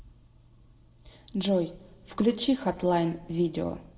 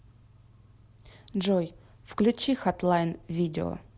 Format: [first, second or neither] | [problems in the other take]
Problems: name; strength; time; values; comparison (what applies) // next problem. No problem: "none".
second | room echo; dies away in 1.3 s